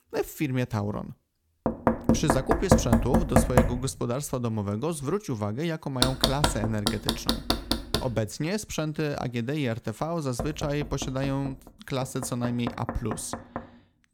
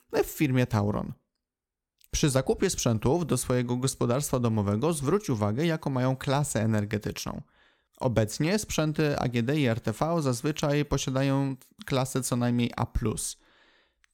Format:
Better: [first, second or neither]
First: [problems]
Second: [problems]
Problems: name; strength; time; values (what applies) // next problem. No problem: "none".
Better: second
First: household noises; very loud; throughout; 2 dB above the speech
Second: none